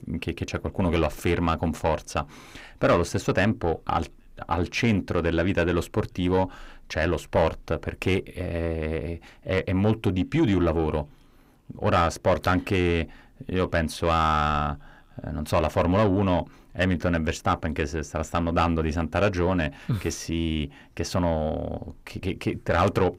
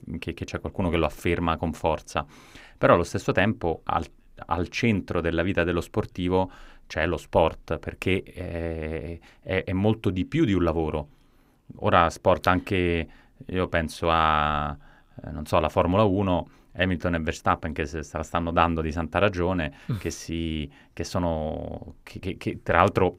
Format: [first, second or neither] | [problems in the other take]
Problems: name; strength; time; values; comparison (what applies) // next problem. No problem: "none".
second | distortion; slight; 10 dB below the speech